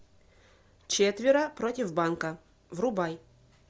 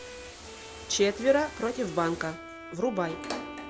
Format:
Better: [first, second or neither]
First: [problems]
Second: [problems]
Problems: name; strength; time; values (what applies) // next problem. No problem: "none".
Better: first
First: none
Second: background sound (Bowed string instrument + Bathtub (filling or washing)); 11 dB below the speech